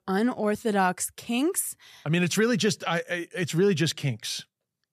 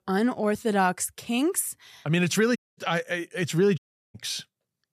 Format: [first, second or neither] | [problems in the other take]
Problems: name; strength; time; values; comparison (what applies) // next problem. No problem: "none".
first | audio cutting out; at 2.5 s and at 4 s